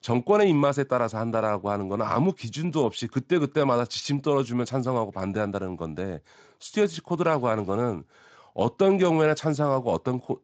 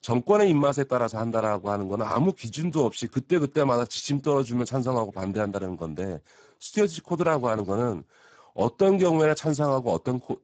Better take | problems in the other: first | garbled, watery; badly; nothing above 7.5 kHz; slightly in the first

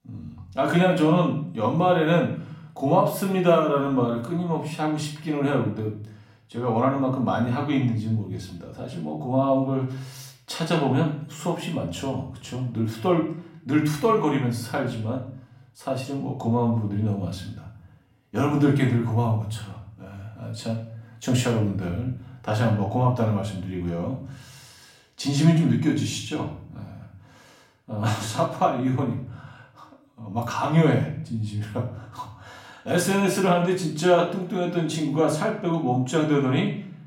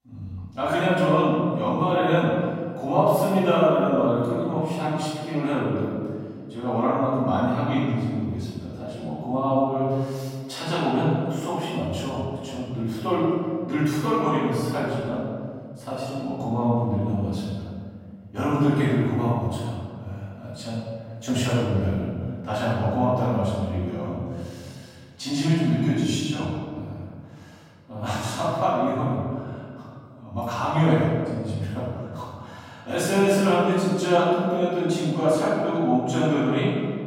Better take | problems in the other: first | room echo; strong; dies away in 1.8 s; slight in the first // off-mic speech; far; far in the first

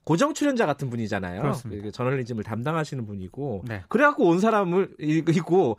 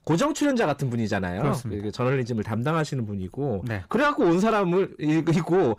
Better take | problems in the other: first | distortion; slight; 10 dB below the speech

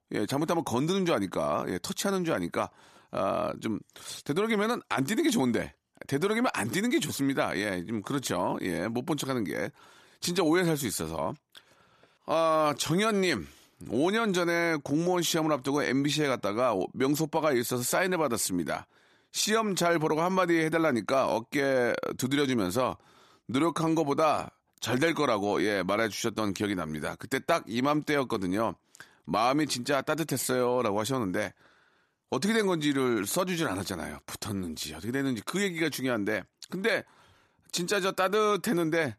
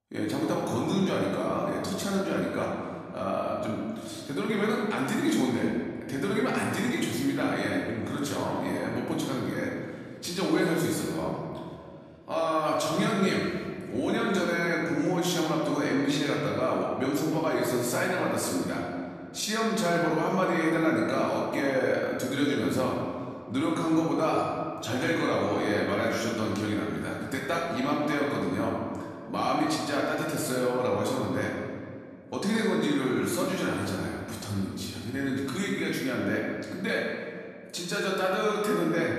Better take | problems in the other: first | off-mic speech; far // room echo; noticeable; dies away in 1.9 s

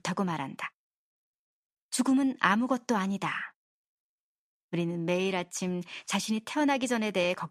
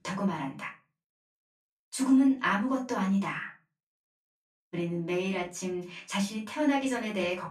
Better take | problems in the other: first | off-mic speech; far // room echo; slight; dies away in 0.3 s

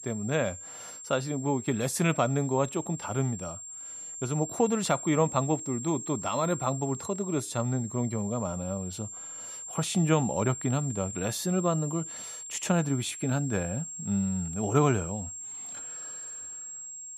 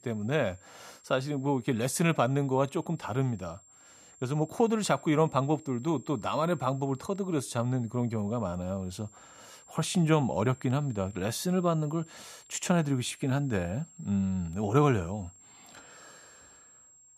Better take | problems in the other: second | high-pitched whine; loud; throughout; 7.5 kHz, 9 dB below the speech; faint in the second

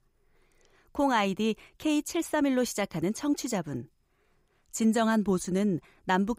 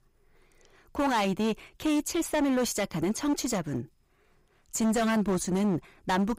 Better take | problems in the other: first | distortion; heavy; 14% of the sound clipped

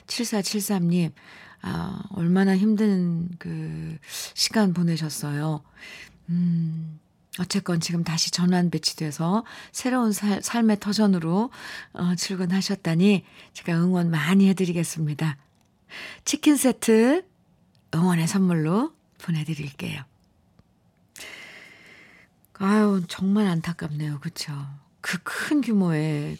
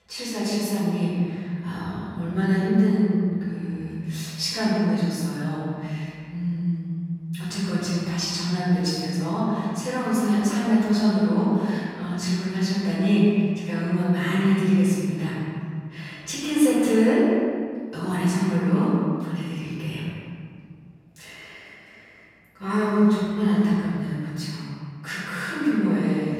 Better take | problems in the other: first | off-mic speech; far // room echo; strong; dies away in 1.9 s

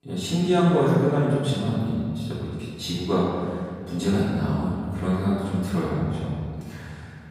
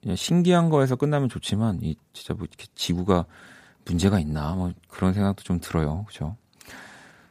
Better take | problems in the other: second | off-mic speech; far // room echo; strong; dies away in 2 s

